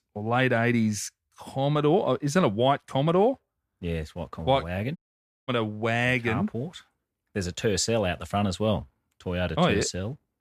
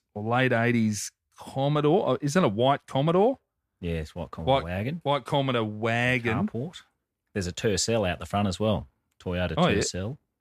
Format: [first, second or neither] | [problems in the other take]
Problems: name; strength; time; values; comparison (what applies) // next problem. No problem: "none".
second | audio cutting out; at 5 s for 0.5 s